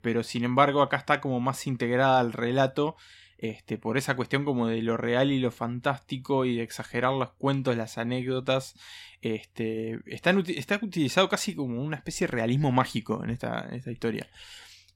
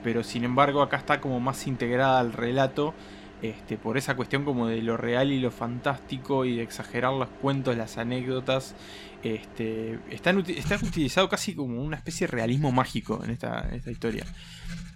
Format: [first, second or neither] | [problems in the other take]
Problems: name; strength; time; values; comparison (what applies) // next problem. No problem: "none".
first | household noises; noticeable; throughout; 15 dB below the speech